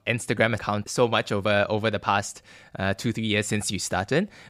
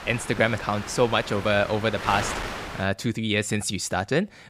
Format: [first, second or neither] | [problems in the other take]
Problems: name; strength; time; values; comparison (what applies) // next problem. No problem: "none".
first | wind noise on the microphone; heavy; until 3 s; 8 dB below the speech